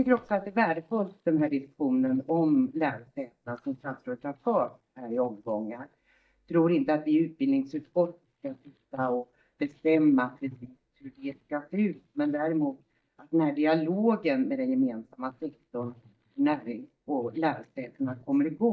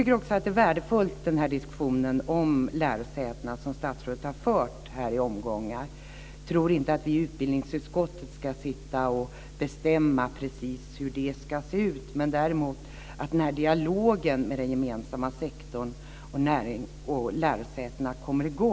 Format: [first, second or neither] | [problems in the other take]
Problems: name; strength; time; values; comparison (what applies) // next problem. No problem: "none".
second | noise reduction (neural mask model DeepFilterNet 3)